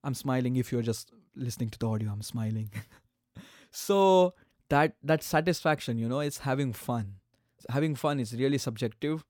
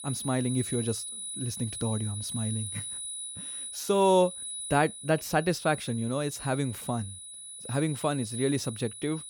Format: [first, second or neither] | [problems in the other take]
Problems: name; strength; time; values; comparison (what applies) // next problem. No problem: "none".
first | high-pitched whine; loud; throughout; 10 kHz, 7 dB below the speech